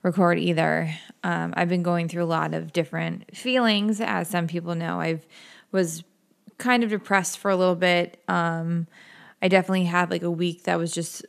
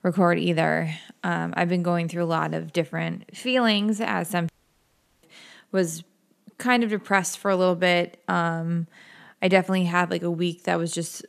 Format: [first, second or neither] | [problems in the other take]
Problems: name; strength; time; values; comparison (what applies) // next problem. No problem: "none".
first | audio cutting out; at 4.5 s for 0.5 s